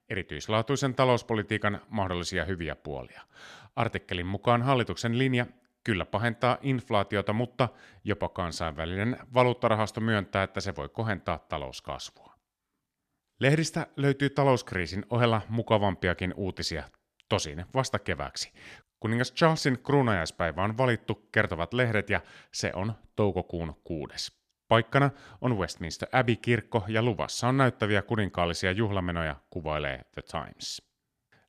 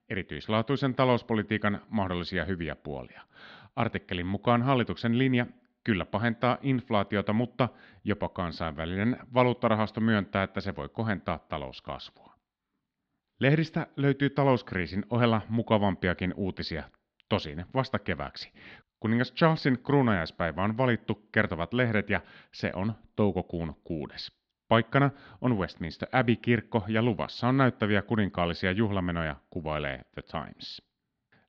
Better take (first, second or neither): first